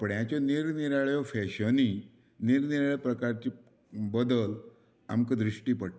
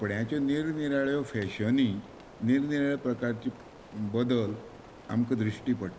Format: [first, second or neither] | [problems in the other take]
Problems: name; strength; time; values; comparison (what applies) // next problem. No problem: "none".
first | background sound (Rain); 19 dB below the speech